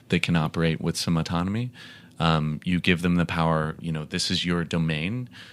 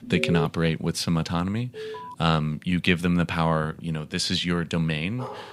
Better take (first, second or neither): first